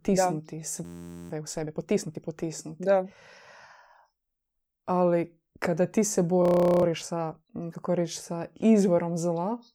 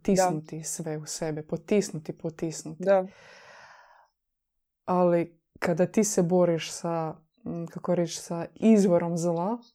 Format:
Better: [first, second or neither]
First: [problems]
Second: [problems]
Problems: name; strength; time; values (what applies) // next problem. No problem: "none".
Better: second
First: audio freezing; at 1 s and at 6.5 s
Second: none